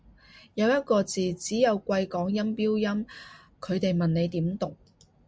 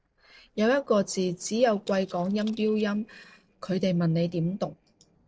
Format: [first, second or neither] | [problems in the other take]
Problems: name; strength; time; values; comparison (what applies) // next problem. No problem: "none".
first | noise reduction (neural separator model SepFormer DNS4)